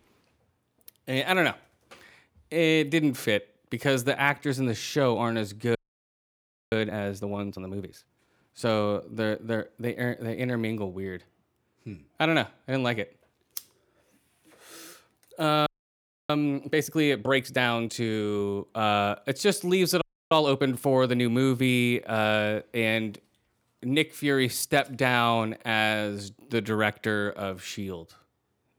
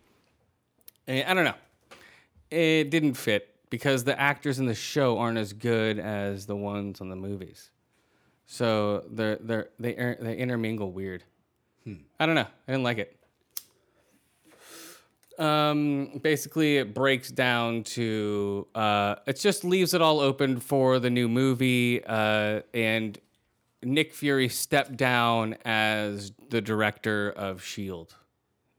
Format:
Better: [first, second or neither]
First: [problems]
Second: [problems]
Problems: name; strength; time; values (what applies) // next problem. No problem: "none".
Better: second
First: audio freezing; at 6 s for 1 s, at 16 s for 0.5 s and at 20 s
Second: none